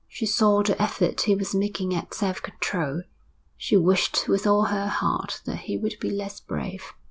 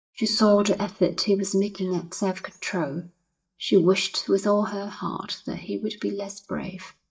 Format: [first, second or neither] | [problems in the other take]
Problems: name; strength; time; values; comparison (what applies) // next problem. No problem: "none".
first | noise reduction (neural mask model DeepFilterNet 3)